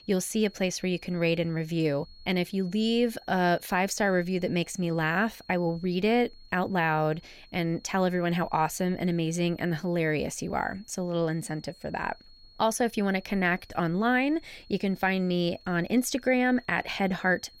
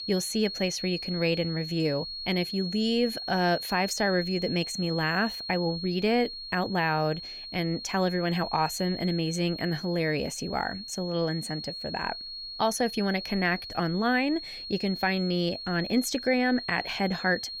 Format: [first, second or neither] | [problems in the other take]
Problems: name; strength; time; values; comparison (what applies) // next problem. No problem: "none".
first | high-pitched whine; loud; throughout; 4.5 kHz, 7 dB below the speech; faint in the first